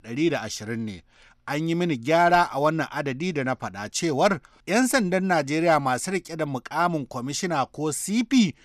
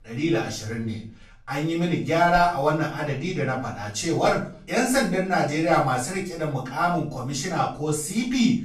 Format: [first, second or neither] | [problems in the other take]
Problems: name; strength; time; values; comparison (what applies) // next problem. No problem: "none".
first | room echo; noticeable; dies away in 0.4 s // off-mic speech; far